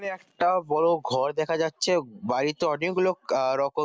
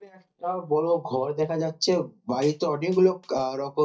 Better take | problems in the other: first | noise reduction (neural mask model DeepFilterNet 3)

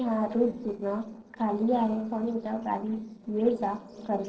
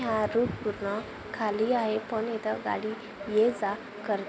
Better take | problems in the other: second | noise reduction (neural separator model SepFormer DNS4)

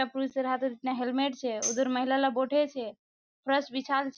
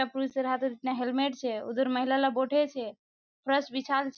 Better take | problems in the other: second | background sound (Tambourine); 10 dB below the speech

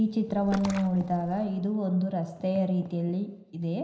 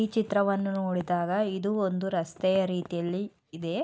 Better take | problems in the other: second | background sound (Splash, splatter); 16 dB below the speech // room echo; dies away in 0.9 s

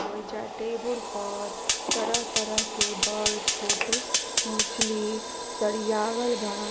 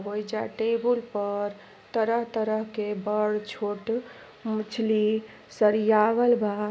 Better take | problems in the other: second | background sound (Fire); 2 dB above the speech

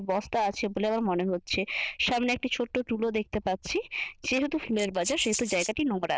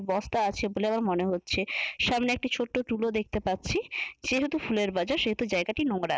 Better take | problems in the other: second | noise reduction (neural diffusion model UNIVERSE++)

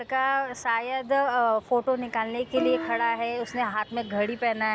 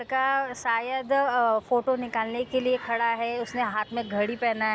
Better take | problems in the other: second | background sound (Plucked string instrument); 9 dB below the speech

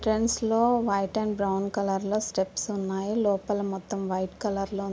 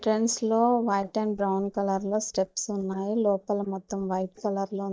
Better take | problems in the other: first | noise reduction (neural mask model DeepFilterNet 3)

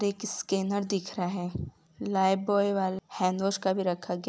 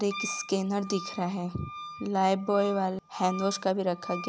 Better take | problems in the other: first | background sound (Wind instrument, woodwind instrument); 13 dB below the speech

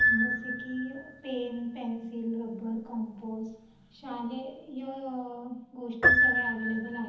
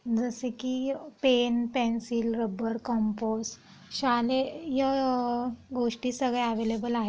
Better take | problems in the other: second | background sound (Piano); 4 dB above the speech // room echo; dies away in 1.3 s

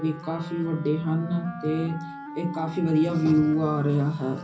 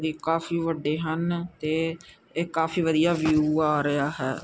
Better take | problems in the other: second | background sound (Wind instrument, woodwind instrument); 14 dB below the speech // room echo; dies away in 0.5 s

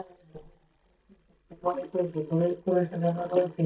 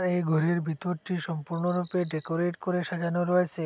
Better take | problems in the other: second | noise reduction (neural mask model DeepFilterNet 3)

